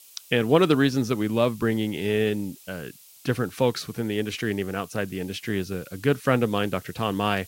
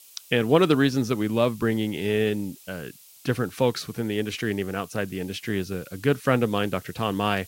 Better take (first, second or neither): neither